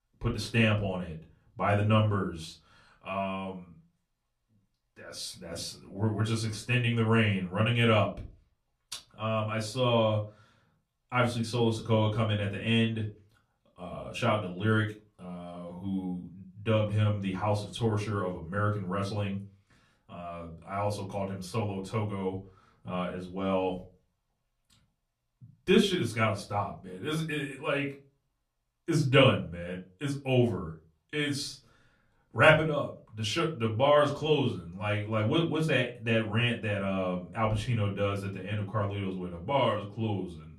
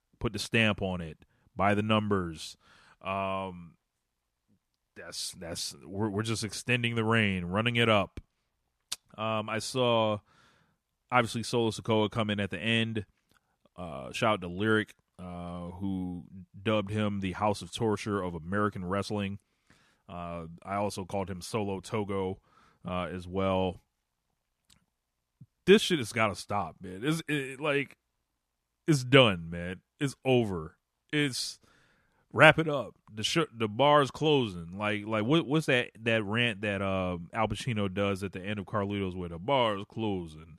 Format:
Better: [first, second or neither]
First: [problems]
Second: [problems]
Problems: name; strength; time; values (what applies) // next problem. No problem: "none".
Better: second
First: off-mic speech; far // room echo; very slight; dies away in 0.3 s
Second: none